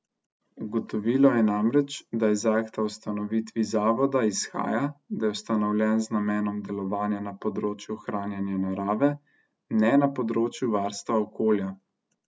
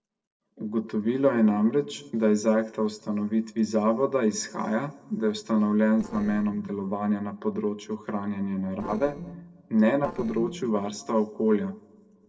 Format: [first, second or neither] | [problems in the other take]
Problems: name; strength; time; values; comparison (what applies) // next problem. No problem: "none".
first | noise reduction (neural separator model SepFormer DNS4)